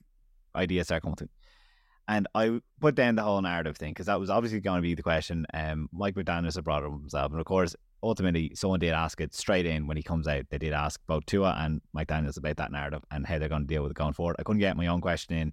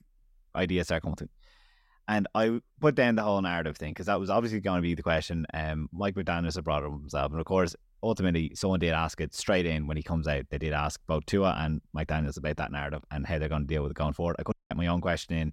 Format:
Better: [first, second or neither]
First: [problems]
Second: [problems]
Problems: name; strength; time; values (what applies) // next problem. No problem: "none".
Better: first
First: none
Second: audio cutting out; at 15 s